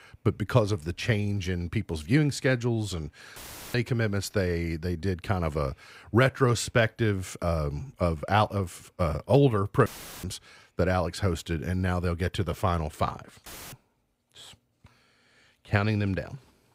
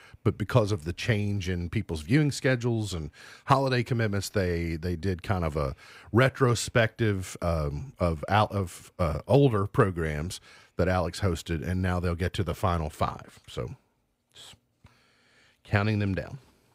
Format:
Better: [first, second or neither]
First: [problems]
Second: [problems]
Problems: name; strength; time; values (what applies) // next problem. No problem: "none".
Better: second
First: audio cutting out; filled with static; at 3.5 s, at 10 s and at 13 s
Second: none